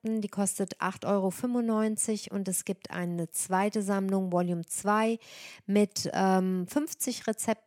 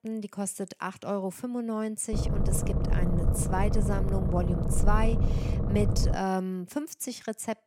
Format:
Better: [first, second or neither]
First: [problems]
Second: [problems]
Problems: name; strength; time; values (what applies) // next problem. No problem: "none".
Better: first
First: none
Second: low rumble; loud; from 2 to 6 s; 4 dB below the speech